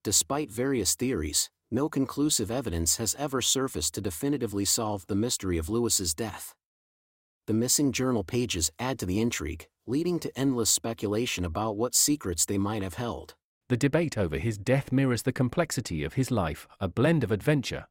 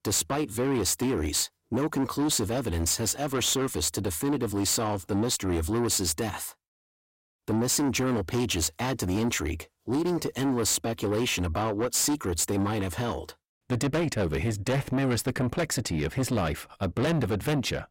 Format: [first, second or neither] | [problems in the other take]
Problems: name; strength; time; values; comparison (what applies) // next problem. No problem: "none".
first | distortion; heavy; 7 dB below the speech